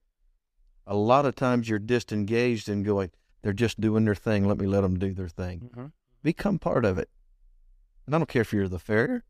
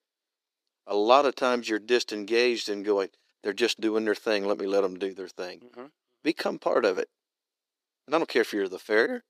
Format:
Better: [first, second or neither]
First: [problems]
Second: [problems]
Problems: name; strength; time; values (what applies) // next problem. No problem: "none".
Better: first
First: none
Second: thin; somewhat; fading below 350 Hz